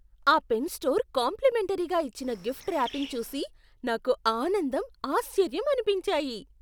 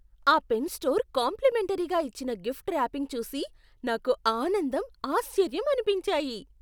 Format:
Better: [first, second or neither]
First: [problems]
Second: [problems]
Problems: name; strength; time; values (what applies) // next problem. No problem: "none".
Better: second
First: background sound (Bird); 18 dB below the speech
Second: none